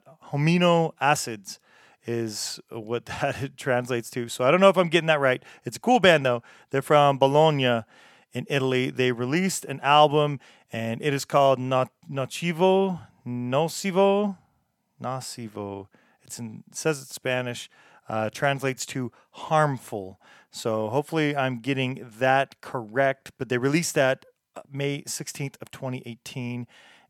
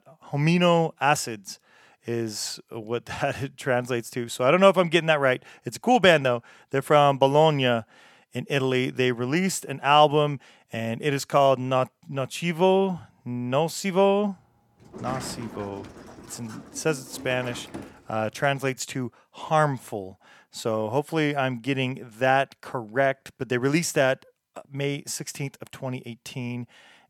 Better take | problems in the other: first | door banging; faint; from 15 to 18 s; peak 10 dB below the speech

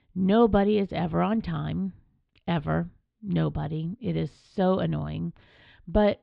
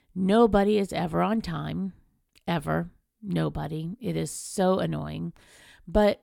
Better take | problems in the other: second | muffled; slightly; fading above 3.5 kHz

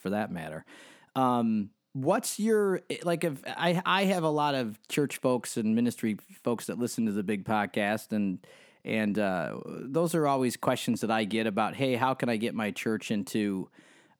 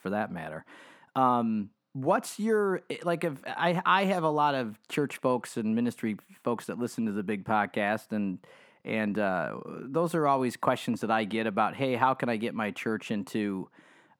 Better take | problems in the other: first | muffled; very slightly; fading above 3.5 kHz

